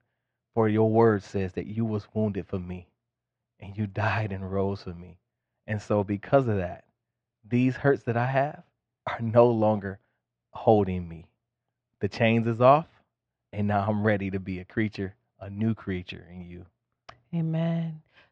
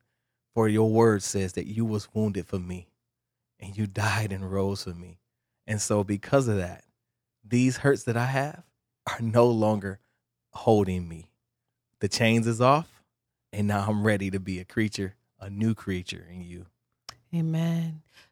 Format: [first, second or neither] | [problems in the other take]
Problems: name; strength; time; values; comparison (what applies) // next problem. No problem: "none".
second | muffled; very; fading above 3 kHz